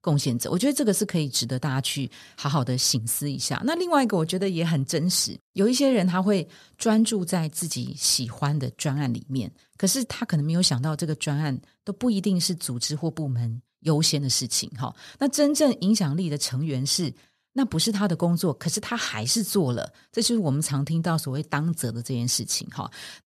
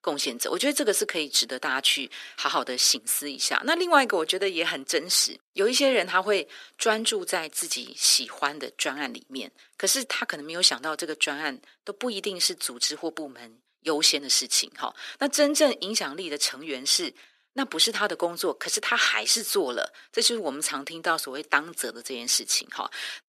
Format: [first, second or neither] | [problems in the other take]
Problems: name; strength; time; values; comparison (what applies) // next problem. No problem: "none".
first | thin; very; fading below 300 Hz